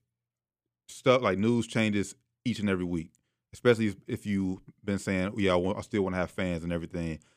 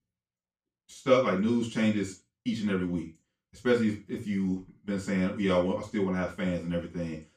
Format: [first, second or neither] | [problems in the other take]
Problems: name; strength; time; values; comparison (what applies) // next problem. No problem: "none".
first | room echo; slight; dies away in 0.3 s // off-mic speech; far